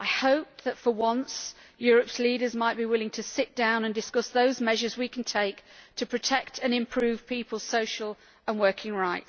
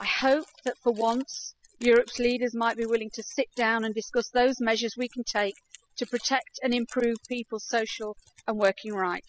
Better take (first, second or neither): first